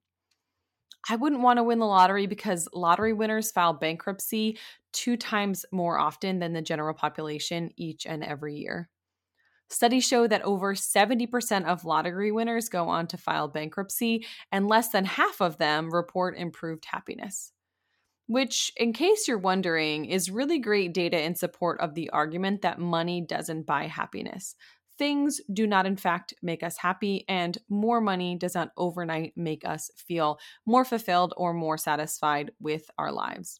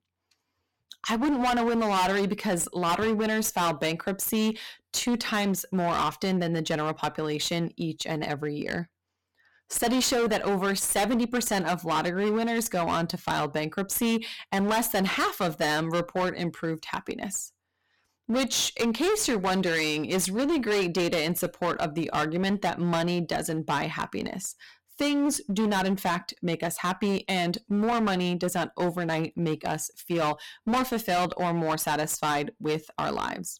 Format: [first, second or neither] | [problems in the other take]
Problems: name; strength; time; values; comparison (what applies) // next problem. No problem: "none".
first | distortion; heavy; 18% of the sound clipped